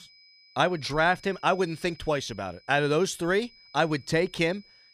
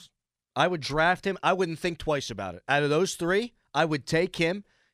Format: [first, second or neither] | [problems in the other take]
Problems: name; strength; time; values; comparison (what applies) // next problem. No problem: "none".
second | high-pitched whine; faint; throughout; 5 kHz, 25 dB below the speech